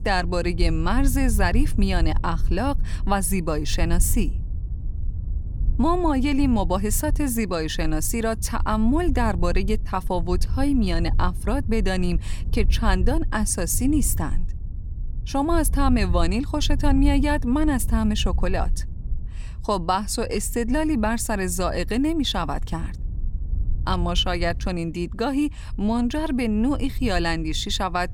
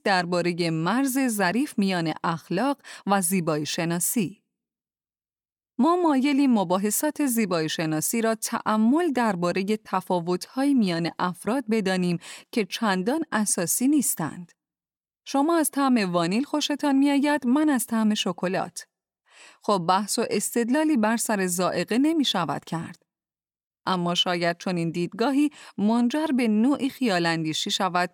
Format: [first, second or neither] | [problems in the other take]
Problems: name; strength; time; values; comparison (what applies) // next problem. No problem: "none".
second | low rumble; faint; throughout; 20 dB below the speech